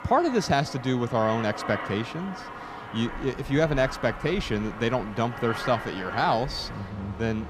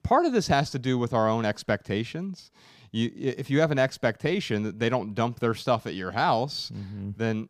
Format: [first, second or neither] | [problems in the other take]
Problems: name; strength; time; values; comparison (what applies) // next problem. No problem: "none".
second | train or aircraft noise; loud; throughout; 10 dB below the speech